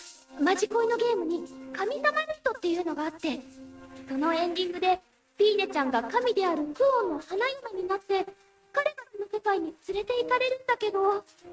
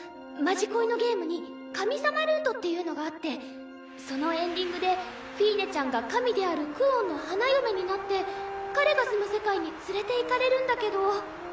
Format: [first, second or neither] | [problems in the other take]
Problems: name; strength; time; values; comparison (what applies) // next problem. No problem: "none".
second | noise reduction (neural mask model RNNoise)